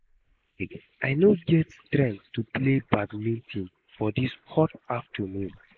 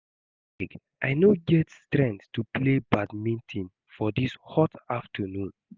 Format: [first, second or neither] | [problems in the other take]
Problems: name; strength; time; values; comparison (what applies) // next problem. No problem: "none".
second | noise reduction (neural mask model Resemble Enhance denoiser)